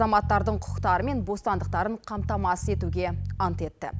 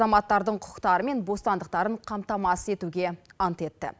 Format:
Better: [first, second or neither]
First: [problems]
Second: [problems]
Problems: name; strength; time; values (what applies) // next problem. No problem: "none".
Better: second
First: background sound (Bass guitar); 4 dB below the speech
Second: none